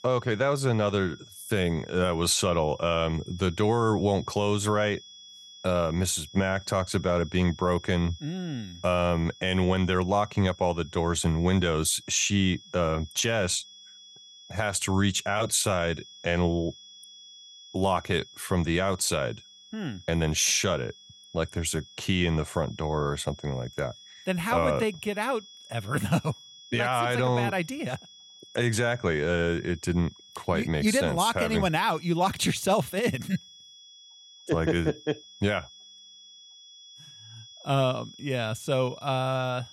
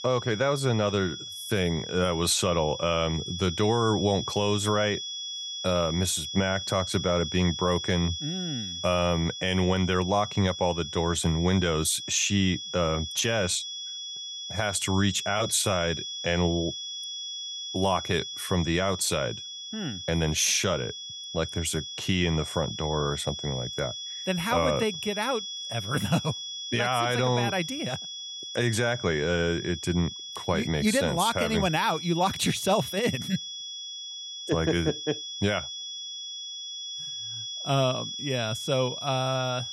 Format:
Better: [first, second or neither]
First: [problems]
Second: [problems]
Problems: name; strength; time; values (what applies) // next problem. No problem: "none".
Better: first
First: high-pitched whine; faint; throughout; 3.5 kHz, 20 dB below the speech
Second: high-pitched whine; loud; throughout; 3.5 kHz, 7 dB below the speech